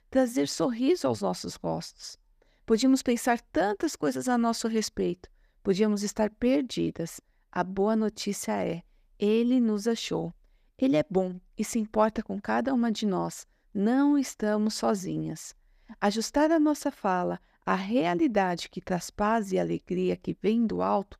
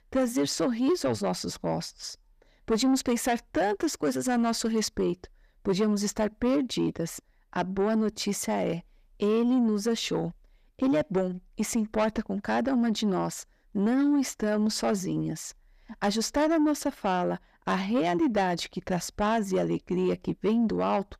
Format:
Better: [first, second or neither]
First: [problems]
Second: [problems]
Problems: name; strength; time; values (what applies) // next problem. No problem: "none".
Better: first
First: none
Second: distortion; slight; 10 dB below the speech